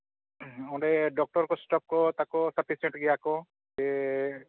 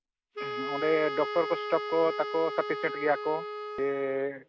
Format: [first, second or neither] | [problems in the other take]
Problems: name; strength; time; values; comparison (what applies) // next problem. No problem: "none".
first | background sound (Wind instrument, woodwind instrument); 6 dB below the speech